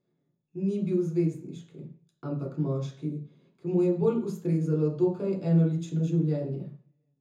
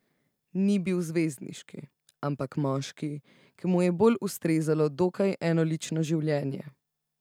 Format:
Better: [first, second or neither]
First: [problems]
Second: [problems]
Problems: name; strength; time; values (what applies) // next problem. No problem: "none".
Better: second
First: room echo; dies away in 0.5 s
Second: none